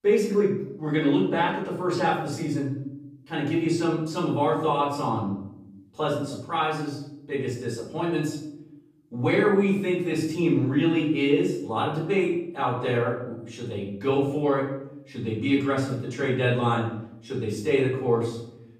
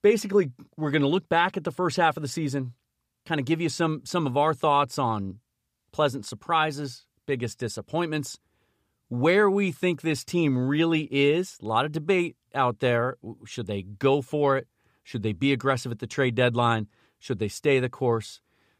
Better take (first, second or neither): second